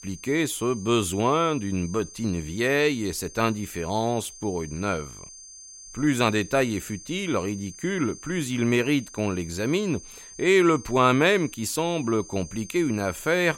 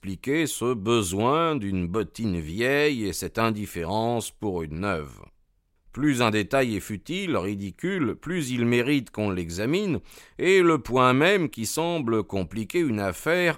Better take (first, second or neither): second